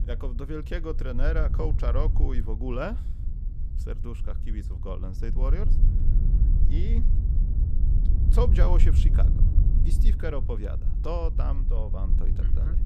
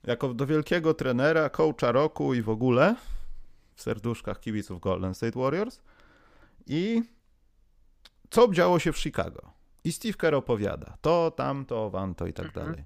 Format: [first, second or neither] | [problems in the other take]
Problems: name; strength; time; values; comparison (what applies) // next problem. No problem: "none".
second | wind noise on the microphone; heavy; 8 dB below the speech